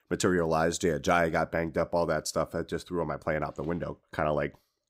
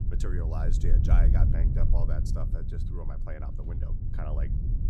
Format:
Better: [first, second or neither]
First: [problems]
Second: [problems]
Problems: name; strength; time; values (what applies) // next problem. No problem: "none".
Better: first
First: none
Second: low rumble; loud; throughout; 2 dB below the speech